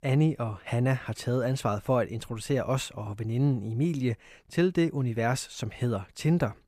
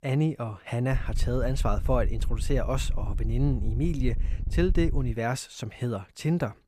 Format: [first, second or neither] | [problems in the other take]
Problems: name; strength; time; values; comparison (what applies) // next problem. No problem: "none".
first | wind noise on the microphone; occasional gusts; from 1 to 5 s; 20 dB below the speech